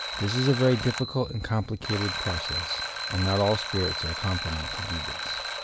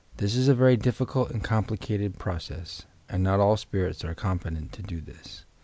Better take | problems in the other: second | background sound (Alarm); 5 dB below the speech

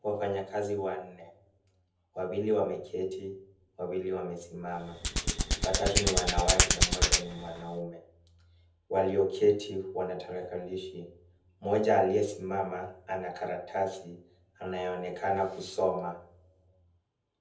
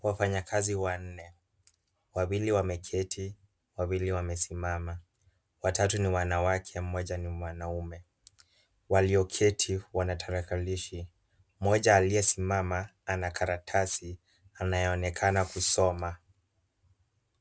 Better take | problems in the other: second | background sound (Hands); 4 dB above the speech // room echo; dies away in 0.6 s

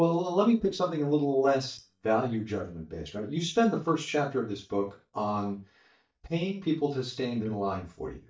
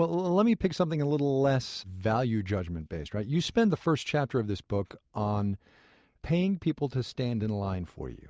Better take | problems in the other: second | noise reduction (neural mask model DeepFilterNet 3)

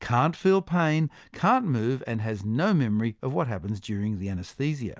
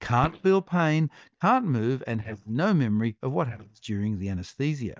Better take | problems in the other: first | noise reduction (neural mask model DeepFilterNet 3)

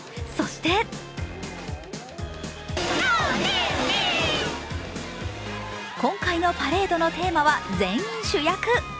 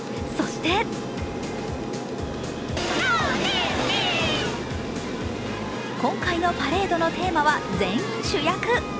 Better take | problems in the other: first | background sound (Aircraft); 5 dB below the speech

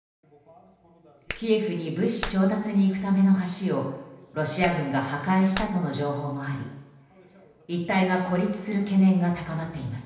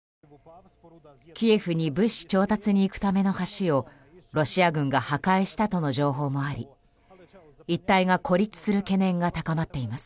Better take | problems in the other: second | background sound (Clapping); 14 dB below the speech // room echo; dies away in 0.9 s

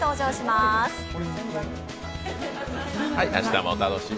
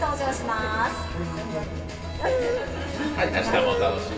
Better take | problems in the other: first | background sound (Dog); 2 dB above the speech // room echo; dies away in 2.6 s

